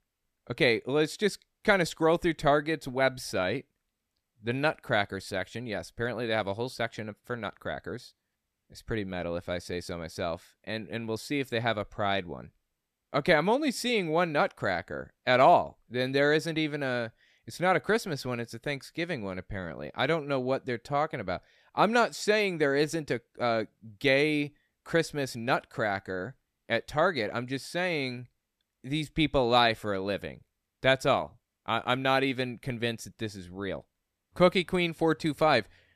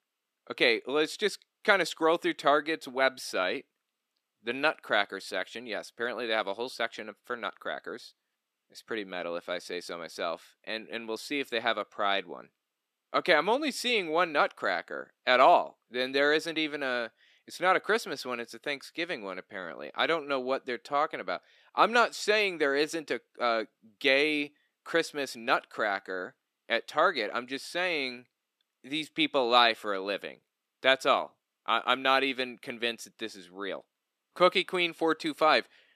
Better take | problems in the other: first | thin; very slightly; fading below 250 Hz

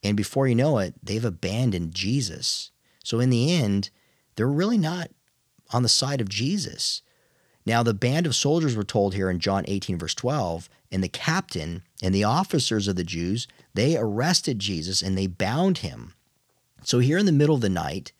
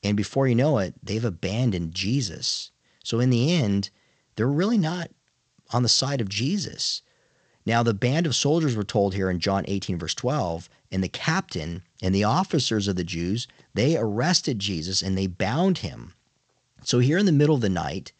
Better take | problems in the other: first | garbled, watery; slightly; nothing above 7.5 kHz

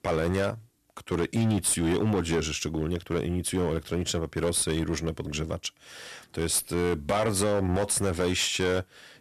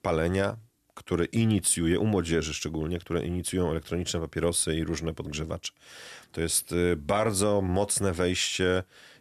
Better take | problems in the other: second | distortion; slight; 8% of the sound clipped

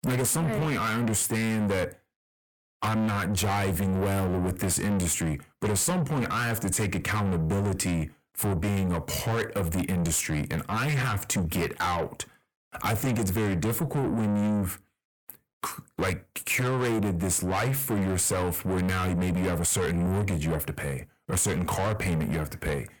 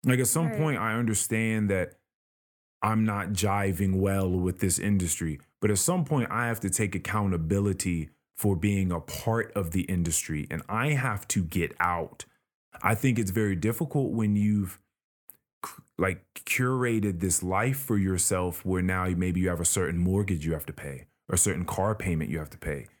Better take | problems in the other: second | distortion; heavy; 6 dB below the speech

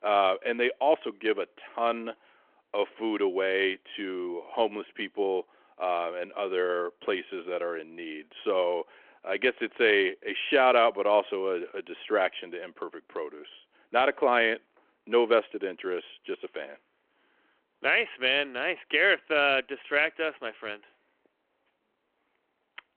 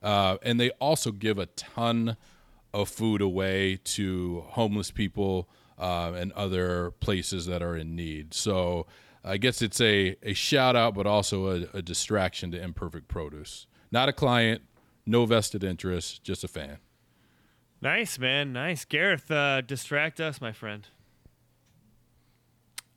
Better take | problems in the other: second | phone-call audio

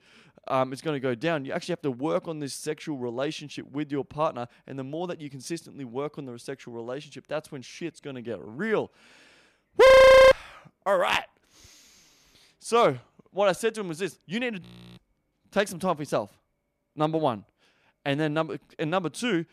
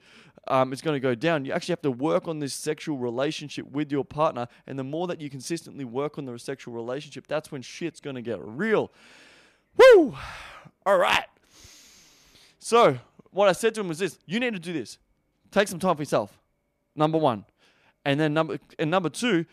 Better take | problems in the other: second | audio freezing; at 10 s and at 15 s

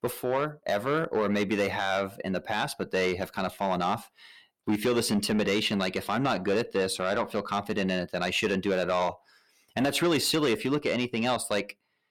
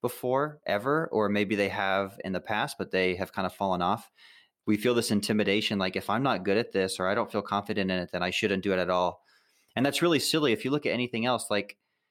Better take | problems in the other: second | distortion; slight; 10 dB below the speech

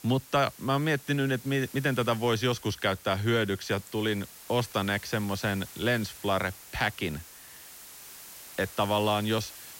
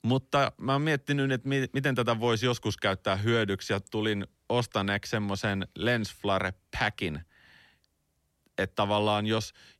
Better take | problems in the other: second | hiss; noticeable; throughout; 15 dB below the speech

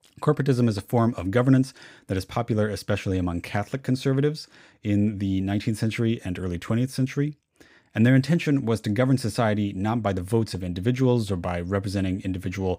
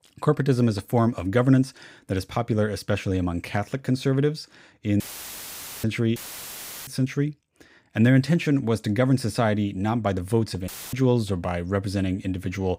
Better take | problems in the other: first | audio cutting out; filled with static; at 5 s for 1 s, at 6 s for 0.5 s and at 11 s

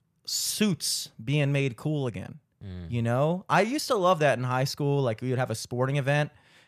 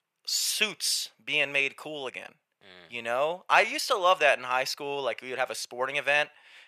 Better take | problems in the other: first | thin; very; fading below 650 Hz

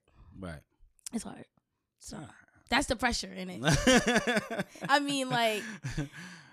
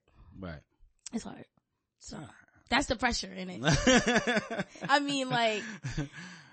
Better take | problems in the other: first | garbled, watery; slightly; nothing above 8 kHz

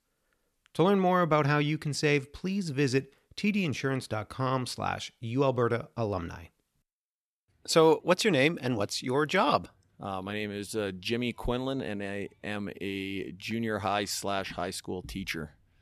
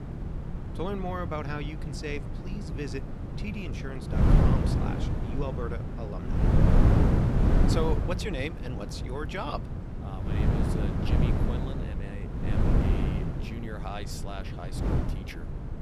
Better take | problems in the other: first | wind noise on the microphone; heavy; 1 dB above the speech

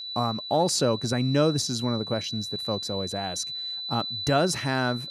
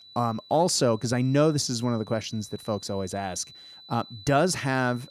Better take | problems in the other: second | high-pitched whine; loud; throughout; 4 kHz, 6 dB below the speech; faint in the second

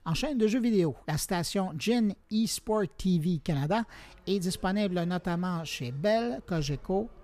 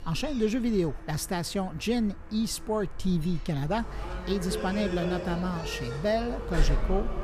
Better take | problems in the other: first | animal sounds; loud; throughout; 6 dB below the speech; faint in the first

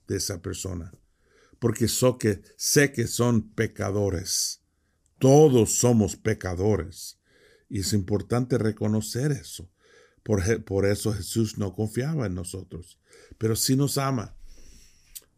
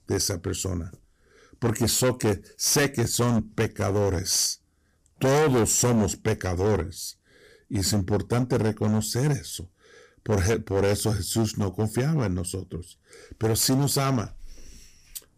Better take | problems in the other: first | distortion; heavy; 10% of the sound clipped

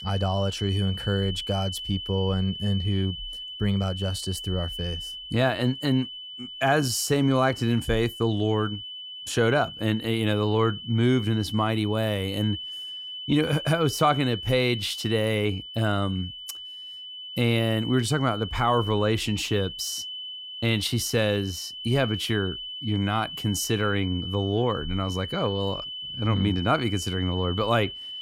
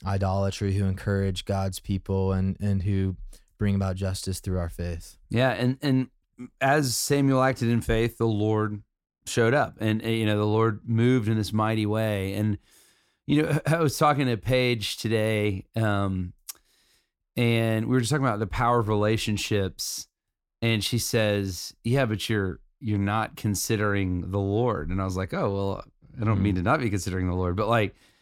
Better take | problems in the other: second | high-pitched whine; loud; throughout; 3 kHz, 9 dB below the speech

